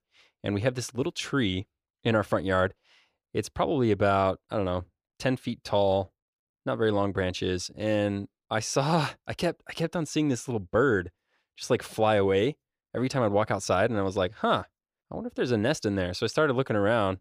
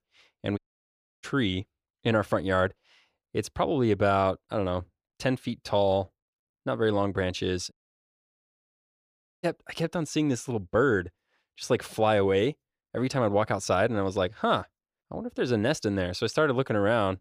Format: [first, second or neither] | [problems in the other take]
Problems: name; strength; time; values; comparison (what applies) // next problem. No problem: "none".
first | audio cutting out; at 0.5 s for 0.5 s and at 7.5 s for 1.5 s